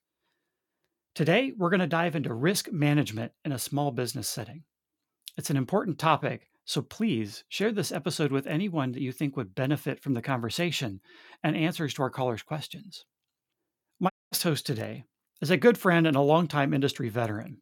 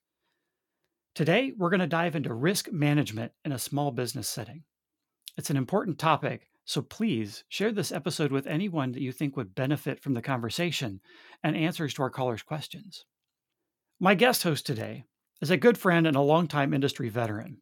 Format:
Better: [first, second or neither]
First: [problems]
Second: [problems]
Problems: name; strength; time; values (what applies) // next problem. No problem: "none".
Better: second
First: audio cutting out; at 14 s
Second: none